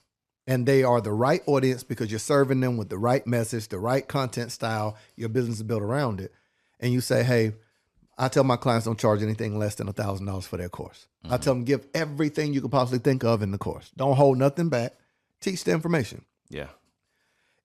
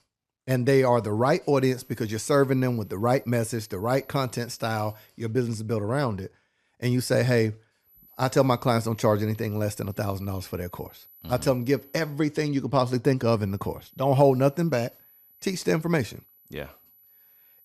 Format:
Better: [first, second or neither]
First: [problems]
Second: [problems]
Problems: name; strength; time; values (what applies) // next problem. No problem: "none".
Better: first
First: none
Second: high-pitched whine; faint; from 1.5 to 5 s, from 8 to 12 s and from 13 s on; 12 kHz, 25 dB below the speech